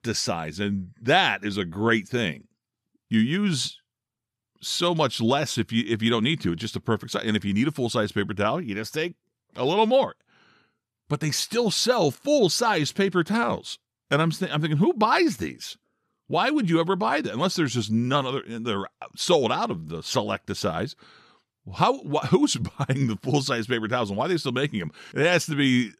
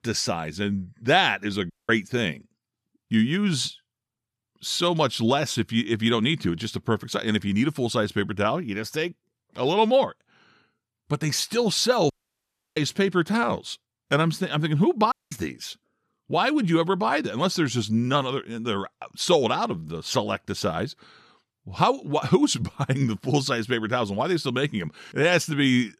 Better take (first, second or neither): first